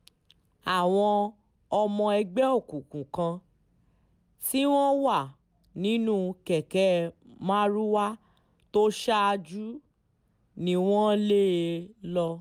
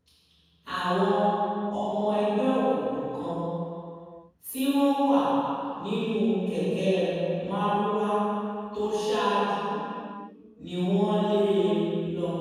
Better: first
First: none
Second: room echo; dies away in 2.1 s

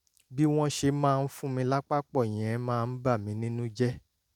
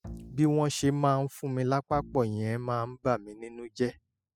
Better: first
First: none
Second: noise reduction (classical method spectral subtraction)

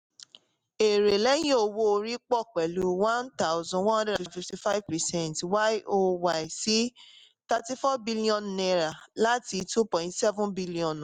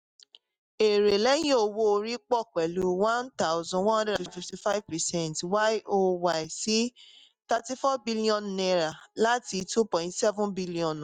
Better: first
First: none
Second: noise reduction (neural mask model DeepFilterNet 3)

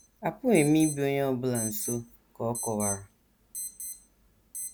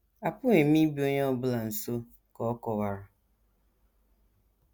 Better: second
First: background sound (Alarm); 10 dB below the speech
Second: none

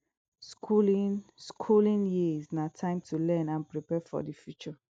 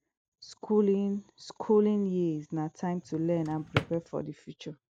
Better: first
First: none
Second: background sound (Drawer open or close); 7 dB below the speech

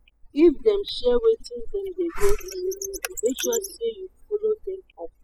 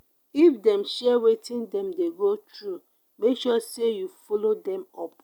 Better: second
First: noise reduction (classical method spectral subtraction)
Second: none

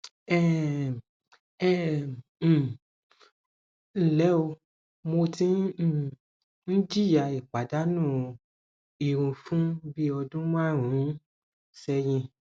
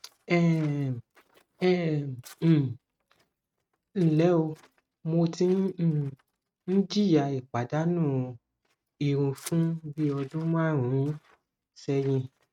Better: first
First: none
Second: noise reduction (neural mask model RNNoise)

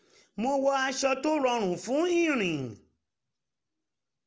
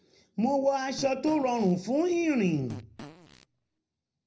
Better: first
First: none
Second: background sound (Fart); 19 dB below the speech // room echo; dies away in 0.4 s

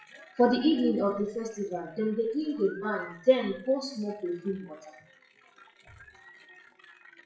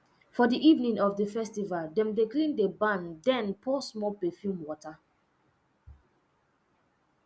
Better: second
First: noise reduction (classical method WPE with log-MMSE)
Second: none

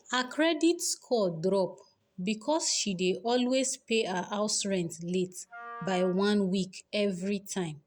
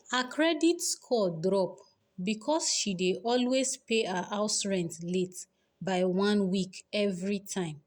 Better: second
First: background sound (Wind instrument, woodwind instrument); 18 dB below the speech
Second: none

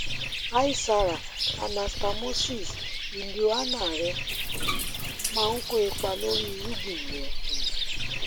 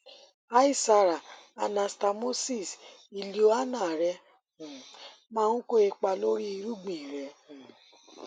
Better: second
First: background sound (Bathtub (filling or washing) + Bird); 1 dB above the speech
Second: none

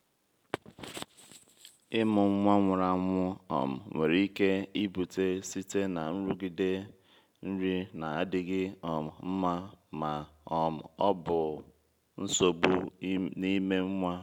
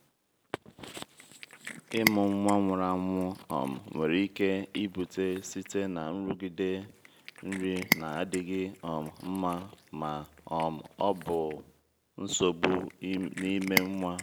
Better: first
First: none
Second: background sound (Cat); 8 dB below the speech

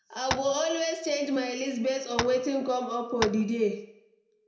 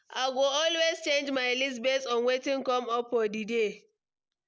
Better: second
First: background sound (Tap); 6 dB below the speech // room echo; dies away in 0.6 s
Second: none

